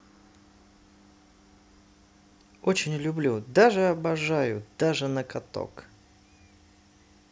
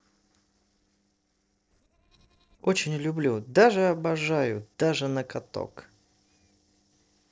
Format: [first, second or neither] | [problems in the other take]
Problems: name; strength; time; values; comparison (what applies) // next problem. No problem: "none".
first | noise reduction (neural separator model SepFormer DNS4)